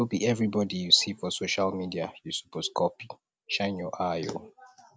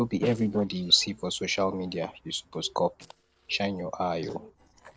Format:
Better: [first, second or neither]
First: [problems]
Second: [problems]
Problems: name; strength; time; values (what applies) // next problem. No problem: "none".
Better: first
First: none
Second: noise reduction (neural separator model SepFormer DNS4)